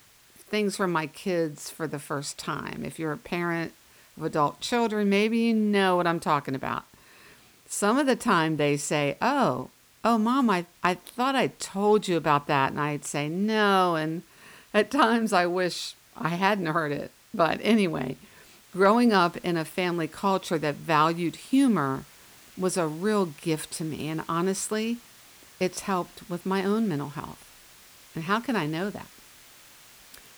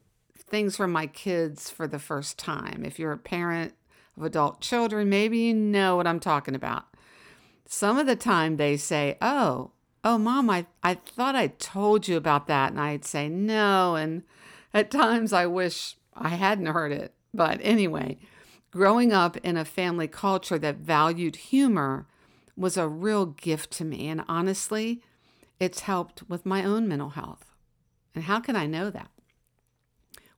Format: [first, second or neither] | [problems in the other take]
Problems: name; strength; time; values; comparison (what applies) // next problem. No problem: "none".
second | hiss; faint; throughout; 25 dB below the speech